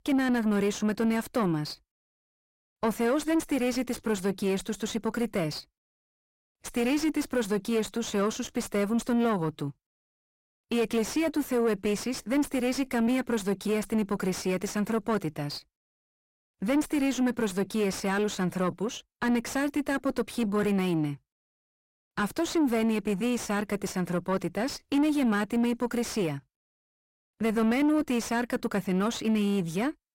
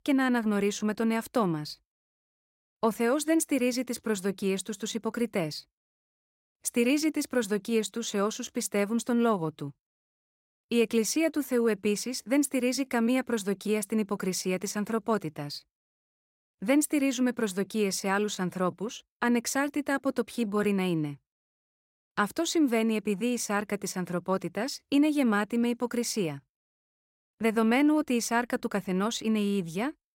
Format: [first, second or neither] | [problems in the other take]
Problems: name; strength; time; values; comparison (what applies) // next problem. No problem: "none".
second | distortion; slight; 9 dB below the speech